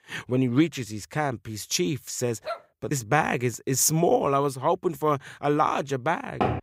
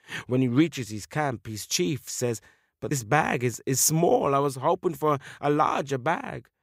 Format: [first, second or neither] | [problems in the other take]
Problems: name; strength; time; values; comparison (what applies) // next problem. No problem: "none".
second | dog barking; faint; at 2.5 s; peak 10 dB below the speech // door banging; very faint; at 6.5 s; peak 2 dB below the speech